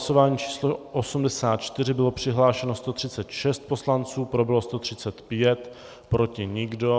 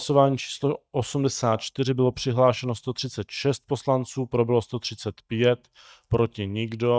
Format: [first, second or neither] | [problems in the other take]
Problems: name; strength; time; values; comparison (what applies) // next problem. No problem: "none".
first | noise reduction (neural mask model DeepFilterNet 3)